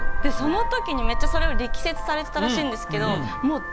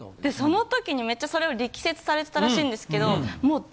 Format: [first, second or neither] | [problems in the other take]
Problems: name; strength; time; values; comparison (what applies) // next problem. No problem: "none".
second | background sound (Vehicle horn, car horn, honking); 3 dB above the speech